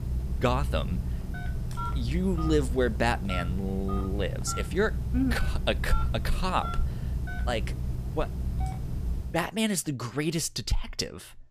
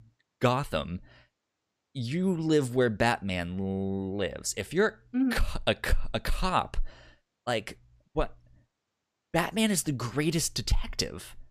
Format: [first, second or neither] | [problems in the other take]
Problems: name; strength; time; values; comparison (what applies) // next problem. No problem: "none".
second | phone ringing; noticeable; until 9.5 s; peak 1 dB below the speech